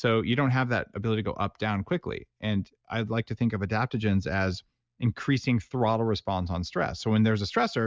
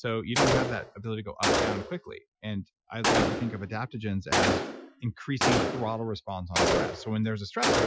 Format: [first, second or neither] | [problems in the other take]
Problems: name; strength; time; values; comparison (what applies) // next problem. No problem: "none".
first | noise reduction (classical method Wiener filter)